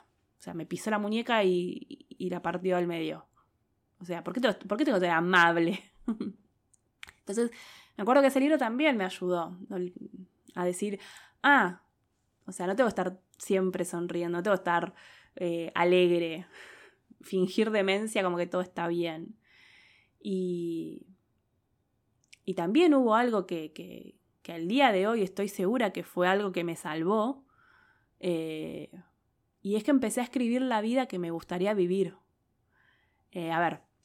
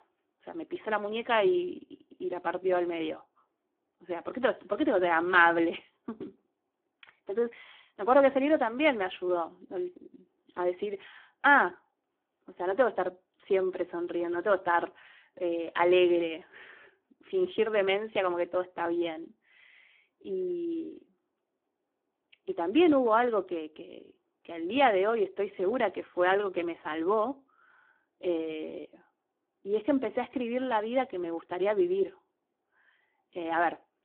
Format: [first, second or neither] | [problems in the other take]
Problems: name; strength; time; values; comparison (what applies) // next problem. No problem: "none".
first | phone-call audio; poor line